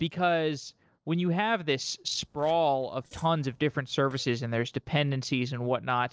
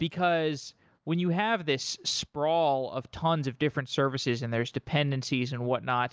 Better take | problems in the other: second | noise reduction (neural separator model SepFormer DNS4)

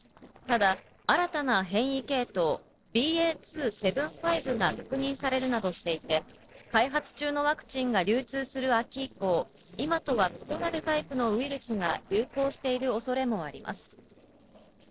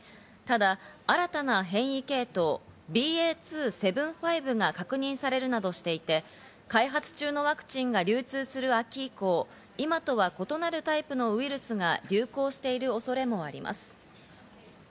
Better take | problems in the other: second | noise reduction (neural separator model SepFormer DNS4)

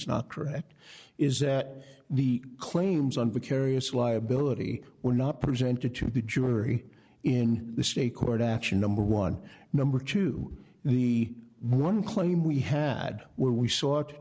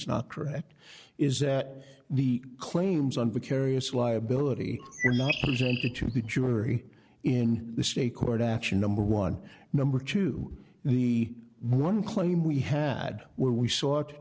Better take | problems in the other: first | background sound (Bird); 6 dB below the speech

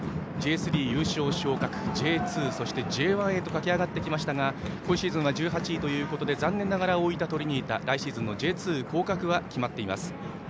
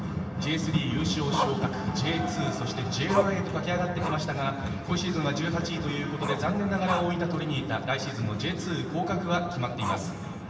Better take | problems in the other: first | background sound (Growling); 9 dB below the speech // room echo; dies away in 1.3 s

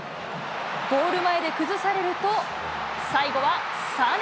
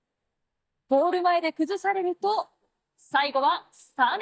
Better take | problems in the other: first | noise reduction (neural mask model DeepFilterNet 3)

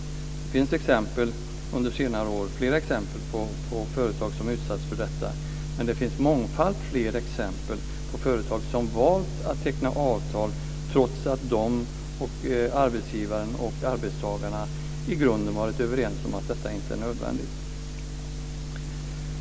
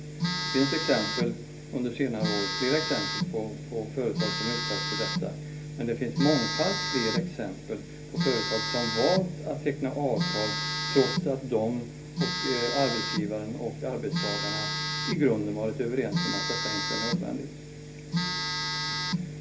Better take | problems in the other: first | background sound (Telephone); 2 dB below the speech // room echo; dies away in 0.3 s

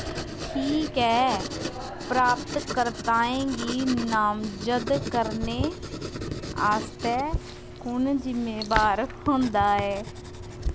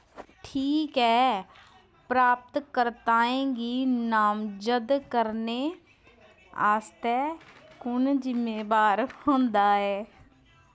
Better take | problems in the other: second | background sound (Writing); 7 dB below the speech

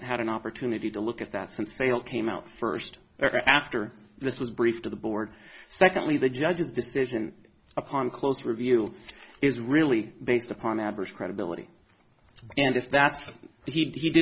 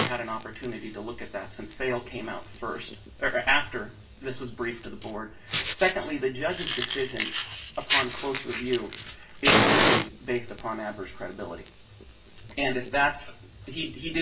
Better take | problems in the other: first | background sound (Fire); 1 dB below the speech // room echo; dies away in 0.2 s

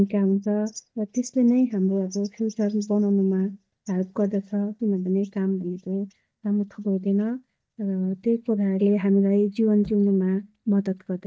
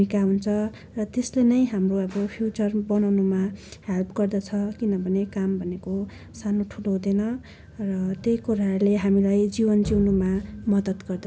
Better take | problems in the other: second | noise reduction (neural mask model DeepFilterNet 3)

